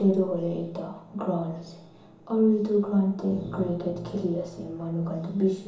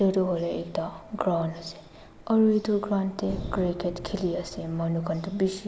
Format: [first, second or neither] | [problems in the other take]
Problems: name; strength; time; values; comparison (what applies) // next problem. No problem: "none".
second | room echo; dies away in 0.8 s